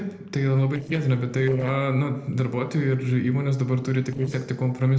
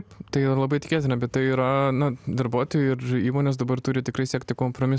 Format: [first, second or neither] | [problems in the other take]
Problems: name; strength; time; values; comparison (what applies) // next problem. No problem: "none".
second | noise reduction (neural separator model SepFormer DNS4)